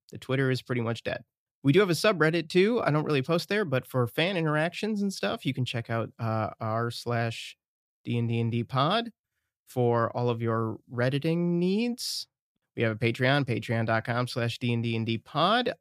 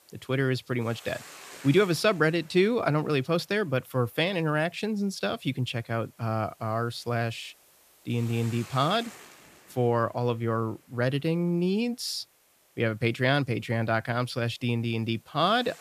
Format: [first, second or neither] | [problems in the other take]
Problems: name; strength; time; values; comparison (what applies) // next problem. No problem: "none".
first | hiss; faint; throughout; 25 dB below the speech